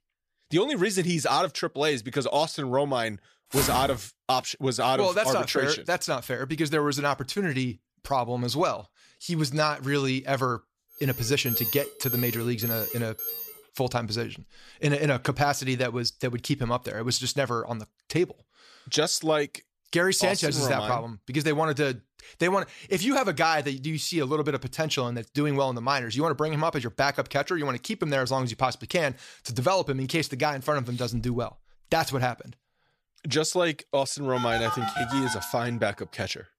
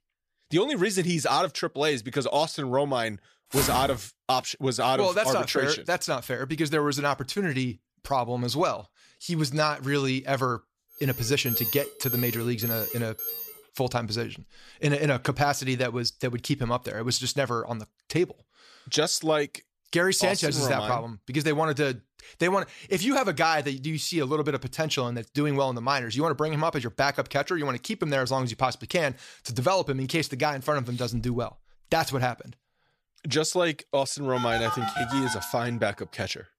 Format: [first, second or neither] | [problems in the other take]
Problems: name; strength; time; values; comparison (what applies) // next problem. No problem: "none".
neither | footsteps; noticeable; at 3.5 s; peak 1 dB below the speech; the same in both // alarm; loud; from 11 to 14 s; peak level with the speech; the same in both // phone ringing; noticeable; from 34 to 36 s; peak 3 dB below the speech; the same in both